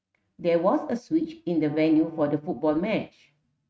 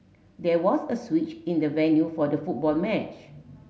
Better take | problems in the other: second | noise reduction (neural mask model RNNoise)

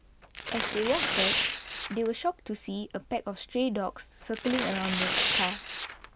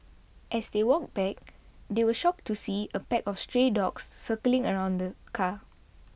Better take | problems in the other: second | background sound (Tearing); 1 dB below the speech

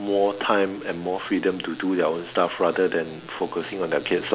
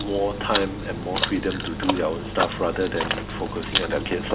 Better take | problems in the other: first | background sound (Chewing, mastication); 2 dB below the speech // room echo; dies away in 0.2 s

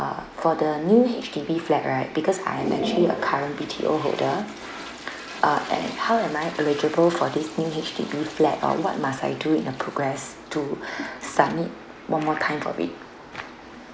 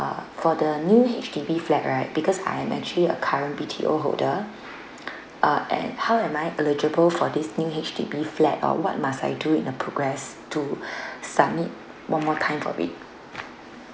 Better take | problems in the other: second | background sound (Toilet flush); 13 dB below the speech

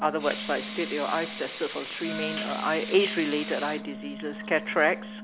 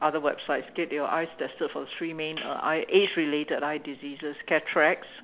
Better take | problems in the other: second | background sound (Wind instrument, woodwind instrument + Sink (filling or washing) / Water tap, faucet / Liquid); 8 dB below the speech

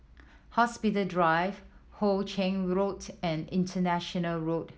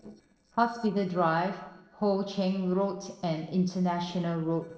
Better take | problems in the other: first | noise reduction (neural separator model SepFormer DNS4)

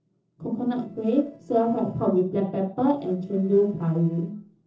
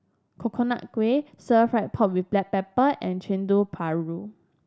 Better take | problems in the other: second | noise reduction (neural separator model SepFormer DNS4)

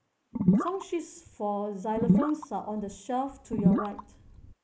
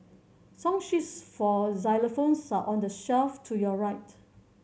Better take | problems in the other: second | noise reduction (neural mask model Resemble Enhance denoiser)

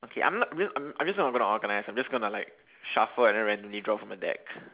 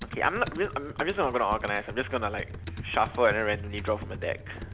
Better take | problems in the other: first | background sound (Computer keyboard); 10 dB below the speech

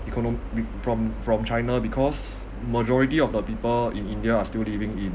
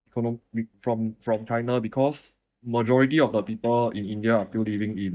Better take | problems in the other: first | noise reduction (neural mask model DeepFilterNet 3)

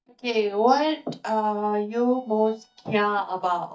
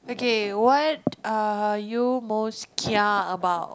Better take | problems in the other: second | noise reduction (neural mask model DeepFilterNet 3)

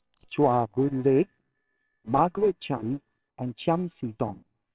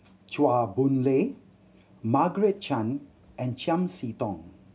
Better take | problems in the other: second | noise reduction (neural separator model SepFormer WHAMR!)

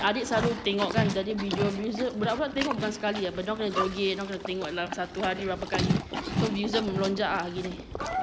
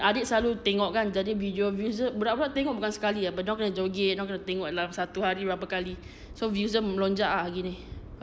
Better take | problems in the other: second | background sound (Livestock, farm animals, working animals); 3 dB below the speech

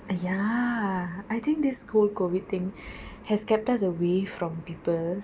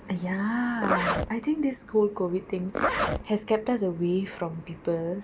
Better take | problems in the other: first | background sound (Zipper (clothing)); 3 dB below the speech

